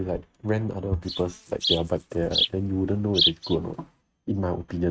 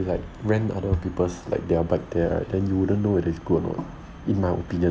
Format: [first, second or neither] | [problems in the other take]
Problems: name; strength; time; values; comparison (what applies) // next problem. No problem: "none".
second | noise reduction (neural mask model RNNoise)